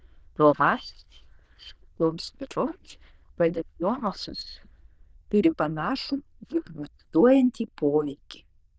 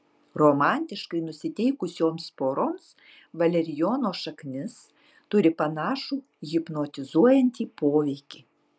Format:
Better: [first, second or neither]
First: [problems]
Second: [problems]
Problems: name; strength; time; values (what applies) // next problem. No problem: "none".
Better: second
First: noise reduction (neural diffusion model UNIVERSE++)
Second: none